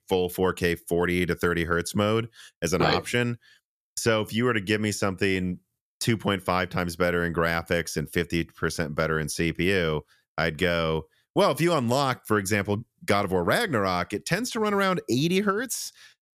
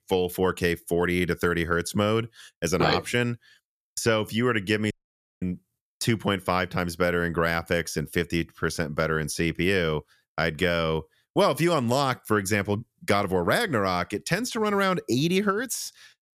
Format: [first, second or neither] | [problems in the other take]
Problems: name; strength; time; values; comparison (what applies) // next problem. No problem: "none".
first | audio cutting out; at 5 s for 0.5 s